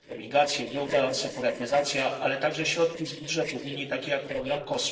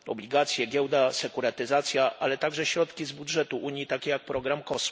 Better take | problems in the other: second | noise reduction (neural separator model SepFormer DNS4)

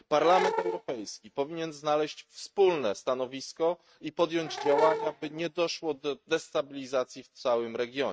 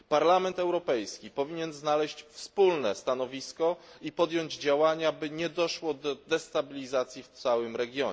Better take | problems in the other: second | noise reduction (neural mask model RNNoise)

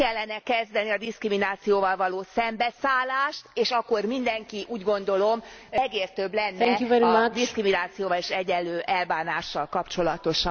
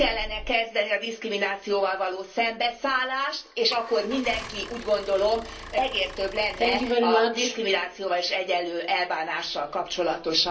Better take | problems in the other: first | background sound (Idling / Engine starting / Motor vehicle (road)); 14 dB below the speech // room echo; dies away in 0.3 s

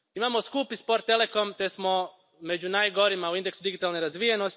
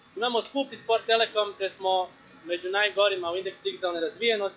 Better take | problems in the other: first | noise reduction (classical method log-MMSE)

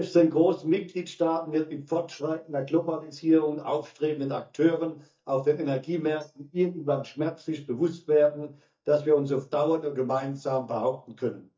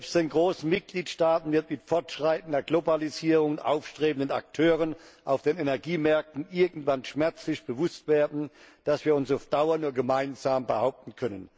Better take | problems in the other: second | noise reduction (neural mask model DeepFilterNet 3)

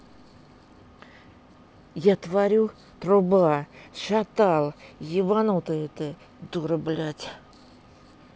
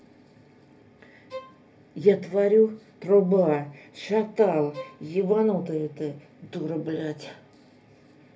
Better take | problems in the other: first | background sound (Bowed string instrument); 19 dB below the speech // room echo; dies away in 0.3 s

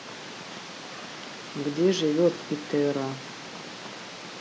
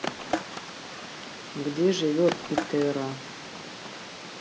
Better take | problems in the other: first | background sound (Skateboard); 8 dB below the speech

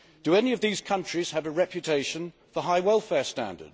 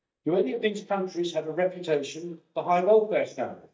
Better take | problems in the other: first | noise reduction (neural mask model DeepFilterNet 3)

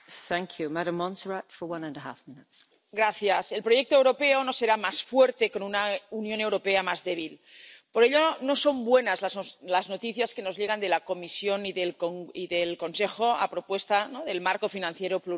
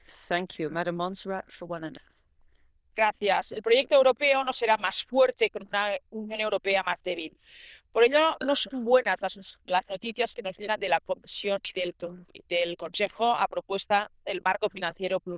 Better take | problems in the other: first | noise reduction (neural diffusion model UNIVERSE++)

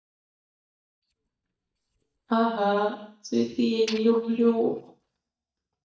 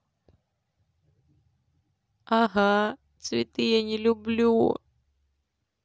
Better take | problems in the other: second | noise reduction (neural mask model DeepFilterNet 3)

